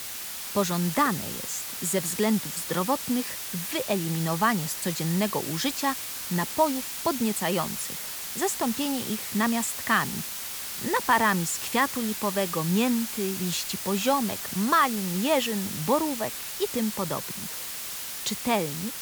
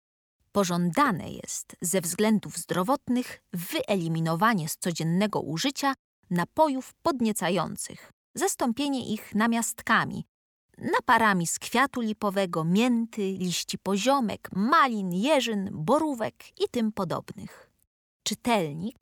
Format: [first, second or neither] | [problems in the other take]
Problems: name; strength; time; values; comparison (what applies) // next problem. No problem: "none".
second | hiss; loud; throughout; 5 dB below the speech